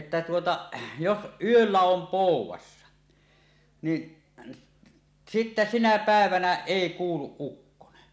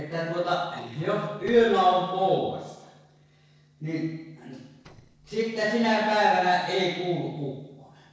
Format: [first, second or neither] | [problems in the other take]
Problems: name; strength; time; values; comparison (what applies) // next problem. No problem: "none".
first | noise reduction (neural separator model SepFormer DNS4)